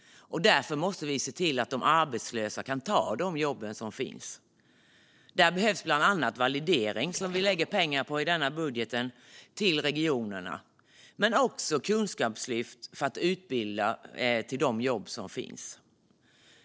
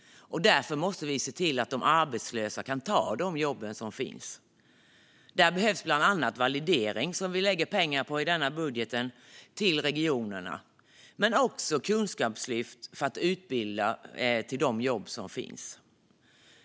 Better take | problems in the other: second | noise reduction (neural separator model SepFormer DNS4)

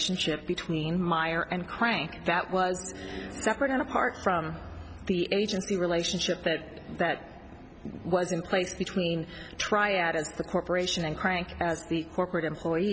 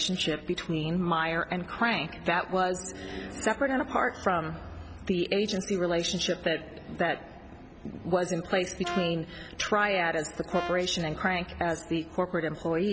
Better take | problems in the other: first | background sound (Brass instrument); 10 dB below the speech

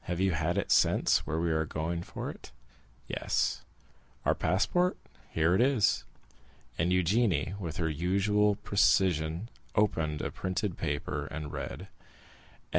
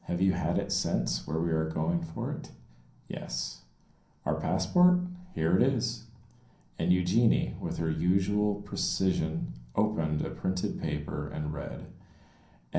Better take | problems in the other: first | room echo; dies away in 0.6 s

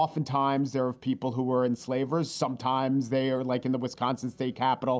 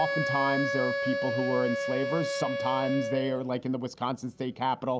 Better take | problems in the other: first | background sound (Wind instrument, woodwind instrument); 2 dB below the speech

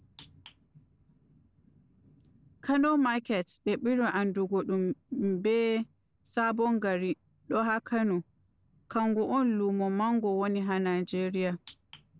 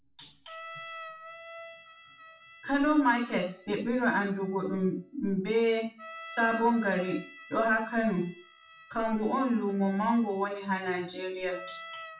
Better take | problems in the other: first | noise reduction (classical method WPE with log-MMSE)

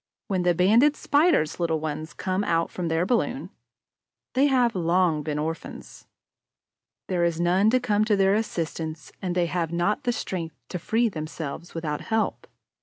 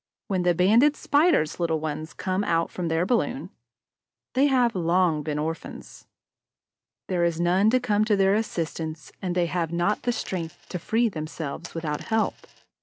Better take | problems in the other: first | noise reduction (neural separator model SepFormer DNS4)

